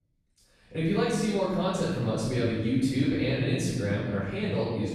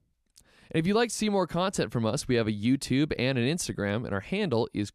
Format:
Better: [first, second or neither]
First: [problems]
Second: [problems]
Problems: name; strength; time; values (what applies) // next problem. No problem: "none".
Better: second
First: off-mic speech; far // room echo; strong; dies away in 1.5 s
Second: none